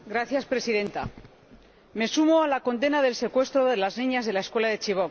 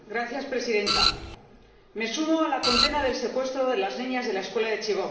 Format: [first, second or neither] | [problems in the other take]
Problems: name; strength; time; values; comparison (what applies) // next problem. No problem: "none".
first | background sound (Printer); 3 dB above the speech // room echo; dies away in 1.1 s